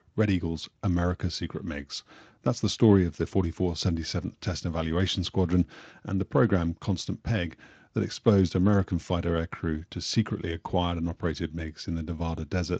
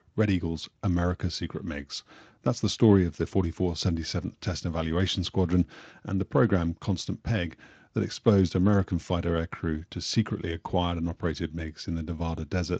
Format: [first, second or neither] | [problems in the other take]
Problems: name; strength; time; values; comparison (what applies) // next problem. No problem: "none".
neither | garbled, watery; slightly; nothing above 18.5 kHz; the same in both